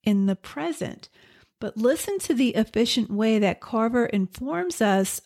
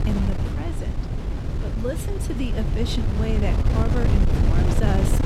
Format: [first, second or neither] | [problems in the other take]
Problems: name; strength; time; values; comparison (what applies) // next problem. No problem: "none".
first | wind noise on the microphone; heavy; 1 dB below the speech